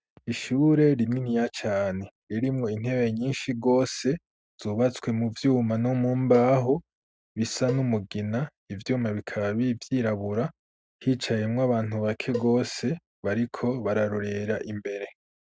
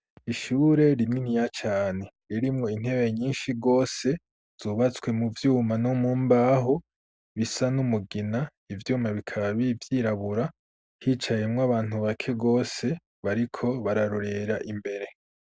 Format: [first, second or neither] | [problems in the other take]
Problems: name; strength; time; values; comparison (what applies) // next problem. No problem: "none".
second | noise reduction (neural mask model RNNoise)